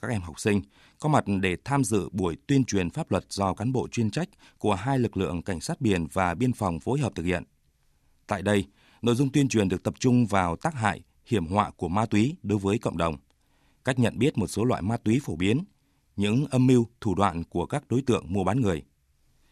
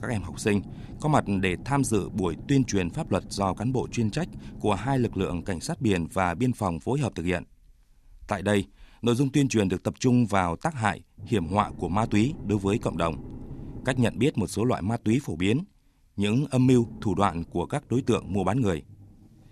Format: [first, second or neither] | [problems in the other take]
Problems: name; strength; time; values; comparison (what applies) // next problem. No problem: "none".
first | low rumble; faint; throughout; 20 dB below the speech